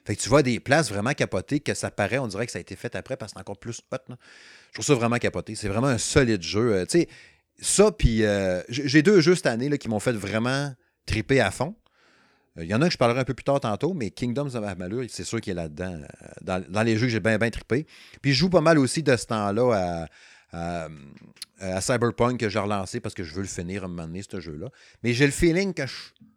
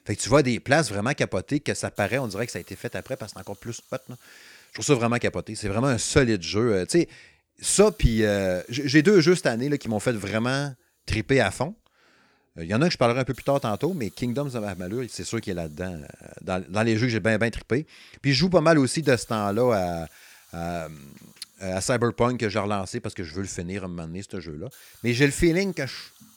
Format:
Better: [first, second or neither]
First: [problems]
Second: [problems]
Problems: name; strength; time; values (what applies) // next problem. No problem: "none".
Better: first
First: none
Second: hiss; faint; throughout; 25 dB below the speech